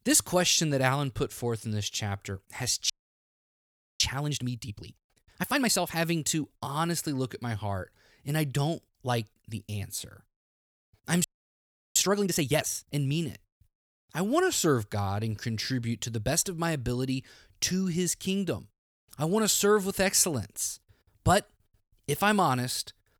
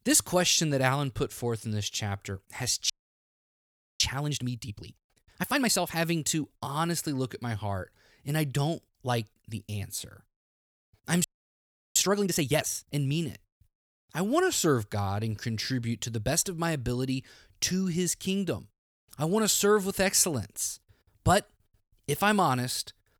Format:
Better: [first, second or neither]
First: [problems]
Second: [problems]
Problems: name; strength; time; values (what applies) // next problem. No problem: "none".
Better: neither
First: audio freezing; at 3 s for 1 s and at 11 s for 0.5 s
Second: audio freezing; at 3 s for 1 s and at 11 s for 0.5 s